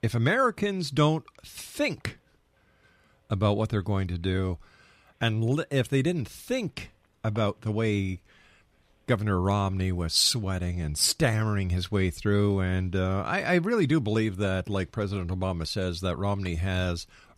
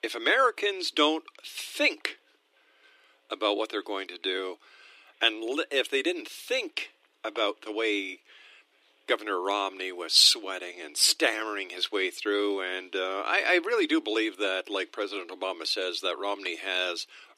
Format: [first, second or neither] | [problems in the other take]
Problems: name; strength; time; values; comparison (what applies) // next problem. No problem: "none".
first | thin; very; fading below 300 Hz